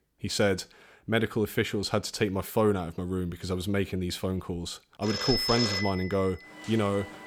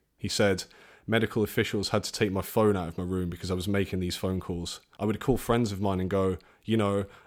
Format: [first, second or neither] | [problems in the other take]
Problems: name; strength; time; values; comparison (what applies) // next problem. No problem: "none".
second | alarms or sirens; loud; from 5 s on; 1 dB below the speech